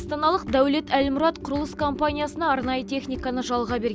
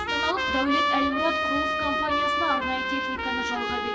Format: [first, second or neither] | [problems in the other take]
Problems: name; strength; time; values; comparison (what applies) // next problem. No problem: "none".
first | background sound (Trumpet); 3 dB above the speech // room echo; dies away in 2 s